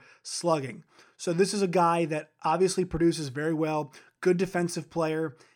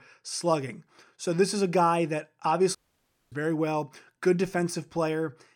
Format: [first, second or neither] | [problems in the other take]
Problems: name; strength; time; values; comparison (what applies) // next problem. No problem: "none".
first | audio cutting out; at 3 s for 0.5 s